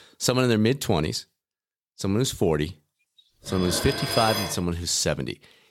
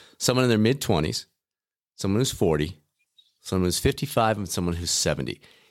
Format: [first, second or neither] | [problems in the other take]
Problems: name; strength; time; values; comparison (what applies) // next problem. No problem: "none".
second | clattering dishes; noticeable; from 3.5 to 4.5 s; peak 1 dB below the speech